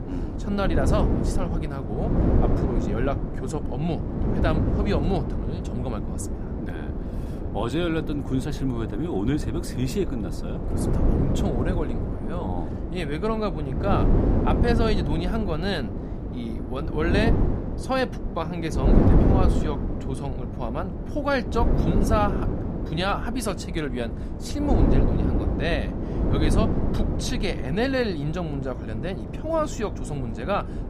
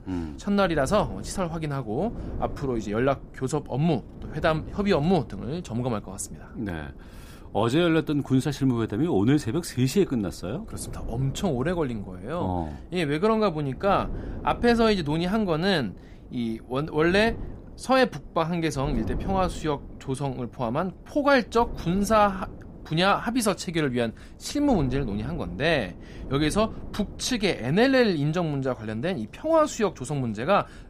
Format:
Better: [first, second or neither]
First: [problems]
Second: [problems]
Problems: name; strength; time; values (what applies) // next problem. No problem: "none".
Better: second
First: wind noise on the microphone; heavy; 4 dB below the speech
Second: wind noise on the microphone; occasional gusts; 20 dB below the speech